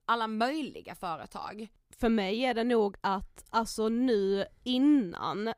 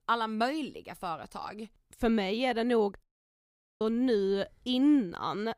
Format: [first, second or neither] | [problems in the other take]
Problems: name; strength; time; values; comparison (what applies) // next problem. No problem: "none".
first | audio cutting out; at 3 s for 1 s